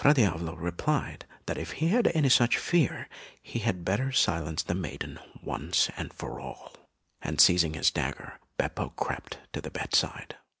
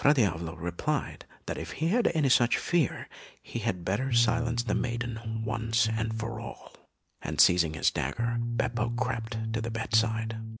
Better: first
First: none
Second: background sound (Bass guitar); as loud as the speech

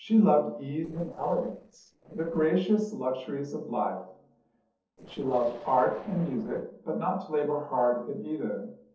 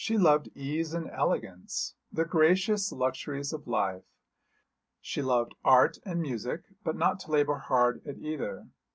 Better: second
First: noise reduction (neural separator model SepFormer DNS4)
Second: none

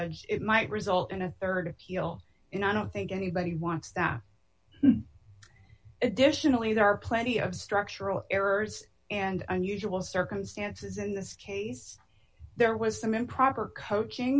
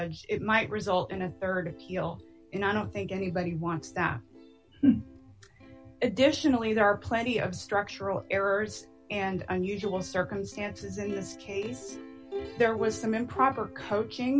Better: first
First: none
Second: background sound (Plucked string instrument); 16 dB below the speech

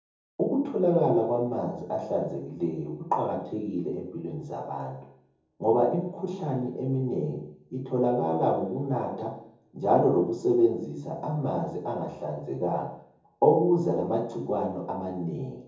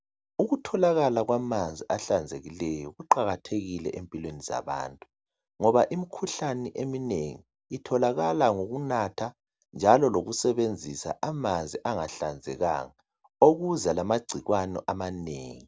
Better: second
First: room echo; dies away in 0.7 s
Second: none

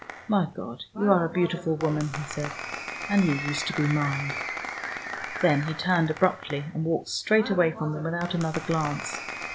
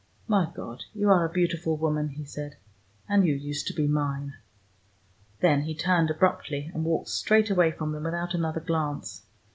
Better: second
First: background sound (Applause); 9 dB below the speech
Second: none

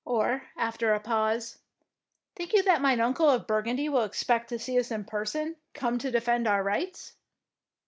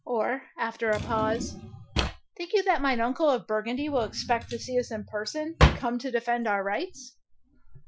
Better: first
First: none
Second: noise reduction (classical method Wiener filter)

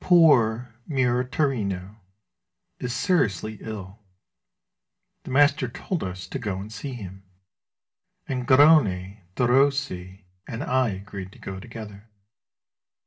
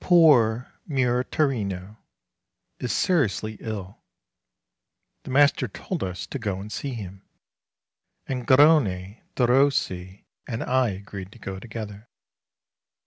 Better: second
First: room echo; dies away in 0.2 s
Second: none

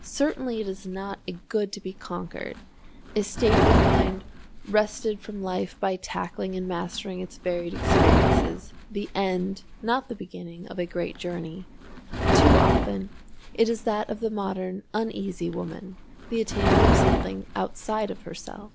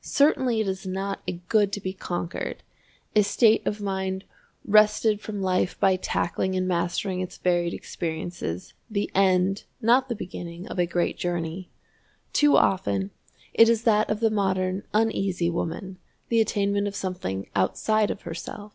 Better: second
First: background sound (Livestock, farm animals, working animals); 2 dB above the speech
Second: none

